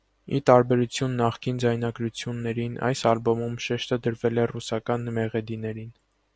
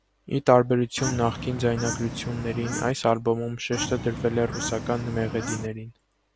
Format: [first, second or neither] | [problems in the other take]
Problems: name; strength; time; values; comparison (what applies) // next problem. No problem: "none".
first | background sound (Bird / Fowl); 7 dB below the speech